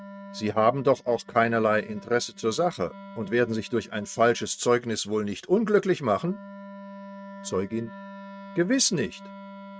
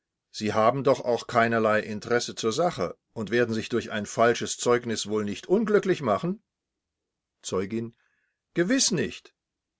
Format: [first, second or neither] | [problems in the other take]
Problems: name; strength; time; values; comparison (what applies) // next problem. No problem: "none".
second | noise reduction (neural mask model RNNoise)